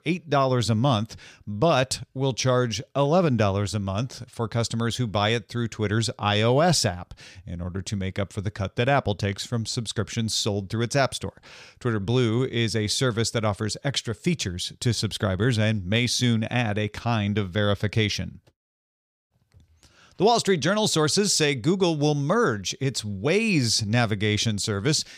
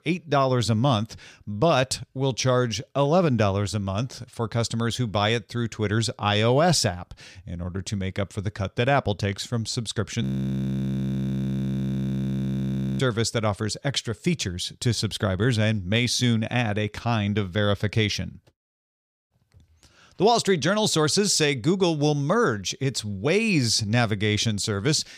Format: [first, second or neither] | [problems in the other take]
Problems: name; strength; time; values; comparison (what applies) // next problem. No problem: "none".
first | audio freezing; at 10 s for 3 s